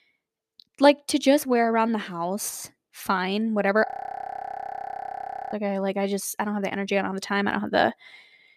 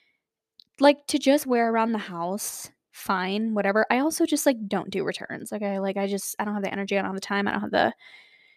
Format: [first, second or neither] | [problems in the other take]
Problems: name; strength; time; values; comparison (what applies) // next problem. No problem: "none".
second | audio freezing; at 4 s for 1.5 s